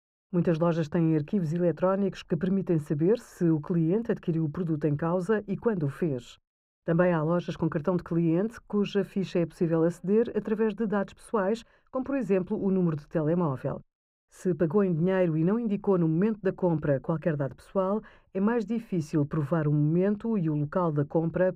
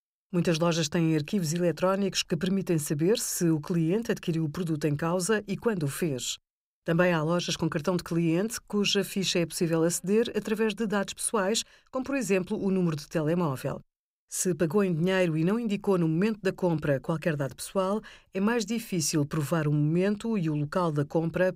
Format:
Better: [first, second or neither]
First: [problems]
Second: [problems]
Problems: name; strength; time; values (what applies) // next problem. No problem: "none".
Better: second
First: muffled; very; fading above 2.5 kHz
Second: none